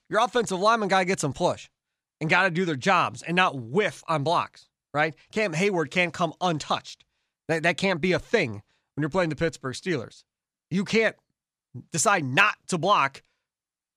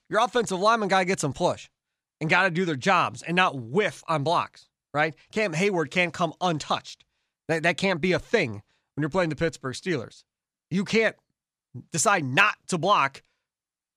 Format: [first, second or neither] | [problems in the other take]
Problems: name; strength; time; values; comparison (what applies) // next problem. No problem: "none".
neither | none